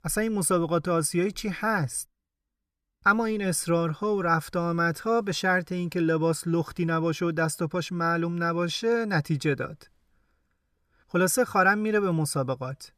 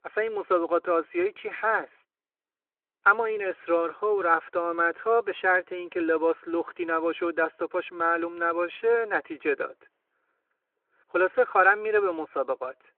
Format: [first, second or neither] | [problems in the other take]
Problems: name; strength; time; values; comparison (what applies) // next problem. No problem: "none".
first | phone-call audio